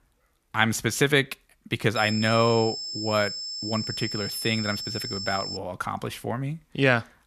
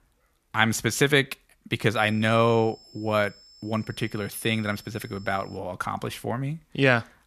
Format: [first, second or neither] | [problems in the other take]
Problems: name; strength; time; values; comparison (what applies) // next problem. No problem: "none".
second | high-pitched whine; loud; from 2 to 5.5 s; 5.5 kHz, 5 dB below the speech; faint in the second